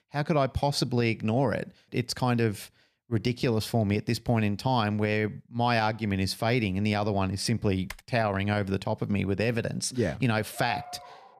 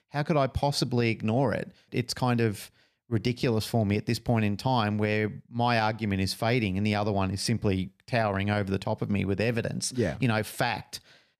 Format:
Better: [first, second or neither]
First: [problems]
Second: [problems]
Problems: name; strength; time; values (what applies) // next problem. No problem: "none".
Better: second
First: keyboard typing; faint; at 8 s; peak 15 dB below the speech // dog barking; noticeable; at 10 s; peak 10 dB below the speech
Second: none